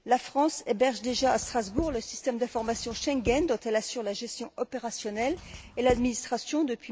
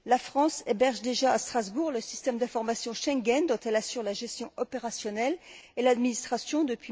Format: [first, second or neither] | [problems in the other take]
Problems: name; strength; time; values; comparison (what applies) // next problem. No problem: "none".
second | background sound (Writing); 13 dB below the speech